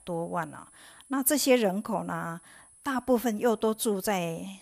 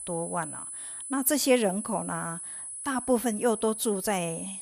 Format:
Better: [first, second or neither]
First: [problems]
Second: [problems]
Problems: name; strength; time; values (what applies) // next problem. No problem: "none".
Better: first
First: high-pitched whine; faint; throughout; 10 kHz, 25 dB below the speech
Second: high-pitched whine; loud; throughout; 10 kHz, 8 dB below the speech